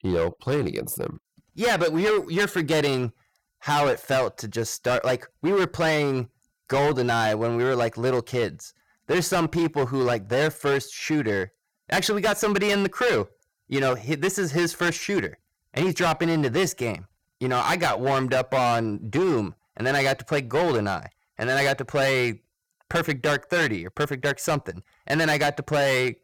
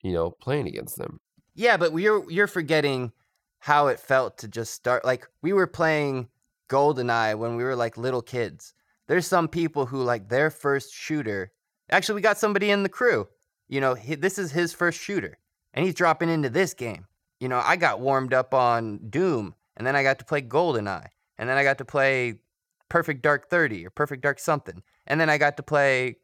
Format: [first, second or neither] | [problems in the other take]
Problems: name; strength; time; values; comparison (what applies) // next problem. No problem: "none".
second | distortion; heavy; 15% of the sound clipped